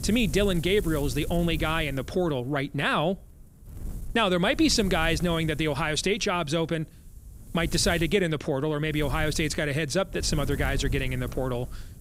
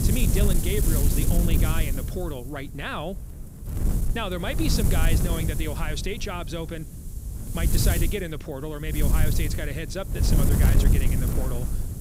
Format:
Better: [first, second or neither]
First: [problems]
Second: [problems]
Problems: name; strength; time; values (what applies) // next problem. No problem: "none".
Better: first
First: wind noise on the microphone; occasional gusts; 20 dB below the speech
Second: wind noise on the microphone; heavy; 3 dB below the speech